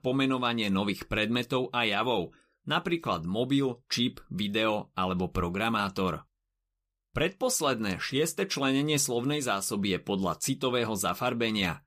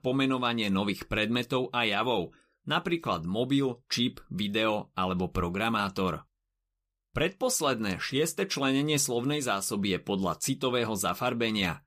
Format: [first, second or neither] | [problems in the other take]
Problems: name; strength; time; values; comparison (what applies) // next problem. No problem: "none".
neither | none